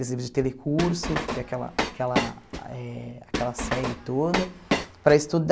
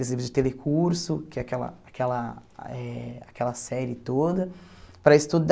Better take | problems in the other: second | background sound (Train); 4 dB below the speech

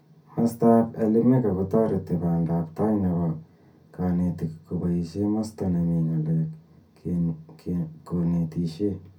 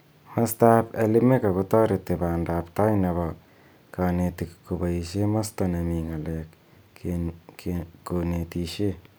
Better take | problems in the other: second | room echo; dies away in 0.3 s

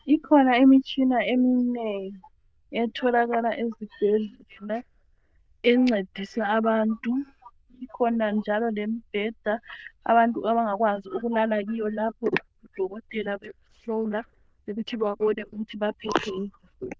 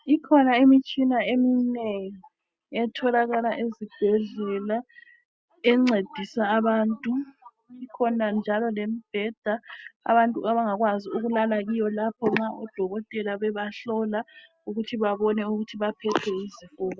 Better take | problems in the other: second | noise reduction (neural diffusion model UNIVERSE++)

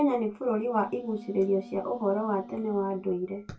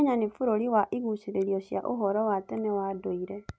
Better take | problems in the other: second | background sound (Wind instrument, woodwind instrument); 19 dB below the speech // room echo; dies away in 0.2 s

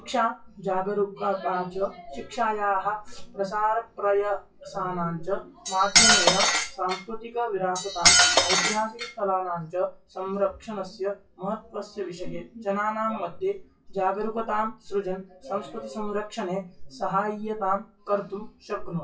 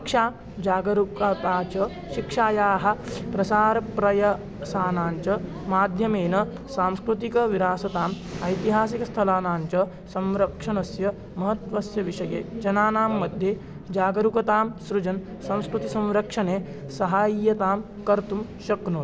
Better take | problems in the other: second | noise reduction (classical method WPE with log-MMSE)

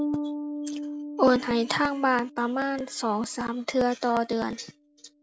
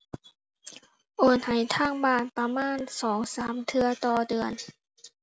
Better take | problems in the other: second | background sound (Bass guitar); 10 dB below the speech

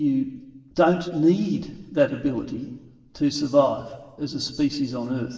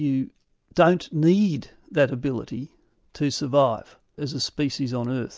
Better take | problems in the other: second | room echo; dies away in 1.2 s

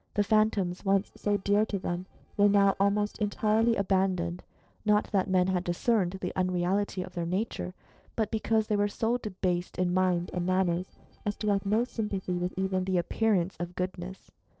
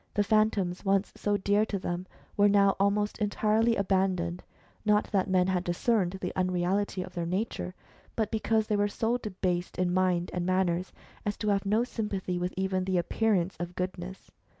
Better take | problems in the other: second | noise reduction (neural separator model SepFormer DNS4)

